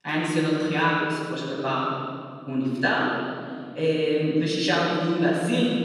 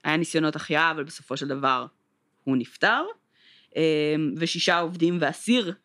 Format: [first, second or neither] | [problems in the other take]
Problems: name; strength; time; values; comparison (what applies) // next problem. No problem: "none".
second | room echo; strong; dies away in 3 s // off-mic speech; far